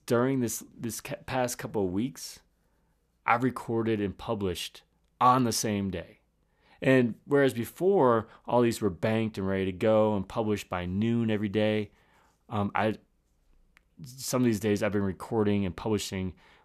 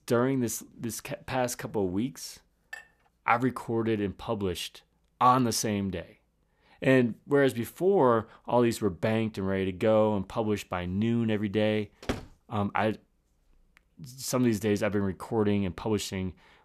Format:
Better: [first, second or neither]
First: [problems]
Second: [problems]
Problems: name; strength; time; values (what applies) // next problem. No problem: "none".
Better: first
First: none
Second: clattering dishes; faint; at 2.5 s; peak 15 dB below the speech // door banging; noticeable; at 12 s; peak 8 dB below the speech